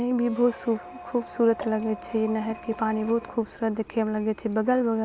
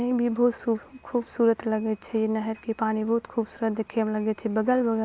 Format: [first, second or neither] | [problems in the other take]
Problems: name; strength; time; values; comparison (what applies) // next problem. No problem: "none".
second | background sound (Water / Liquid + Squeak); 17 dB below the speech